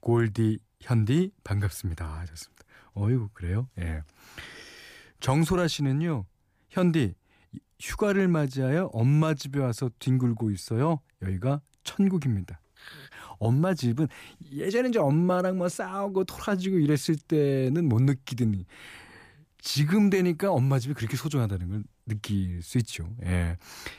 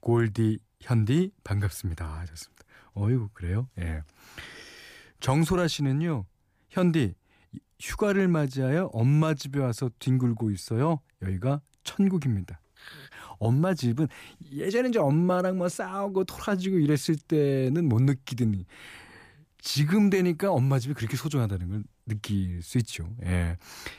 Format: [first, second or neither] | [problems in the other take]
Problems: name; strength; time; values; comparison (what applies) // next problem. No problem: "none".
neither | none